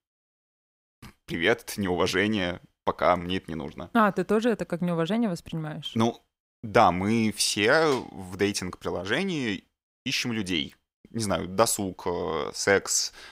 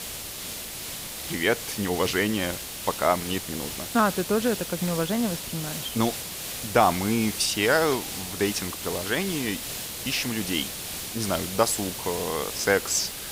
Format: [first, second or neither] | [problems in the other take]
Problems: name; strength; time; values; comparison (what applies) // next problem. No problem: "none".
first | hiss; loud; throughout; 6 dB below the speech